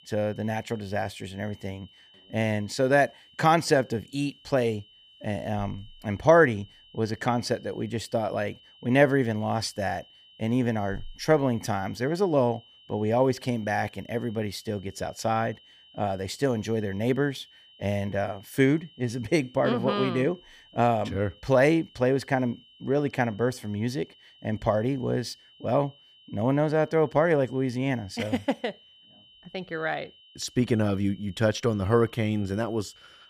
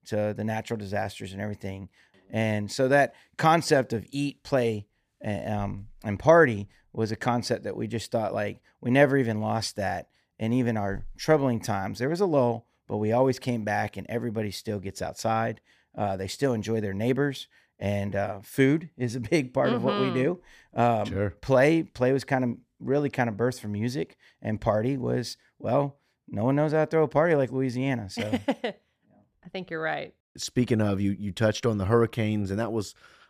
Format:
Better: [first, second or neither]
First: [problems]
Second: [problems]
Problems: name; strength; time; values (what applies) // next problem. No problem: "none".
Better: second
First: high-pitched whine; faint; throughout; 3 kHz, 25 dB below the speech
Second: none